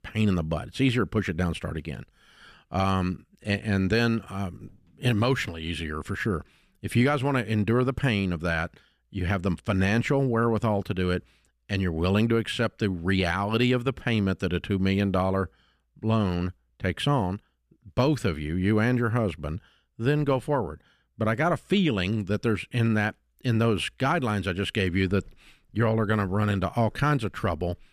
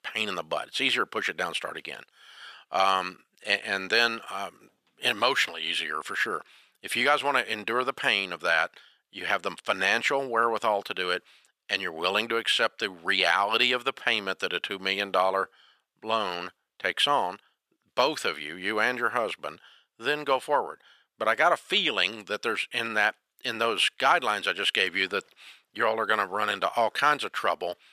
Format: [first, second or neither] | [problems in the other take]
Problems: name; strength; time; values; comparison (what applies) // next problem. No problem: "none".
first | thin; very; fading below 750 Hz